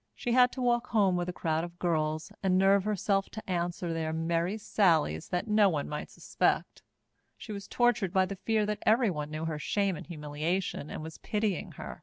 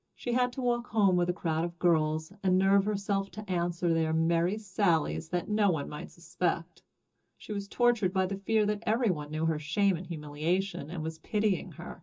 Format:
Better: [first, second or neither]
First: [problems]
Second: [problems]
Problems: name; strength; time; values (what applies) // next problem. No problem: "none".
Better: first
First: none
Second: room echo; dies away in 0.2 s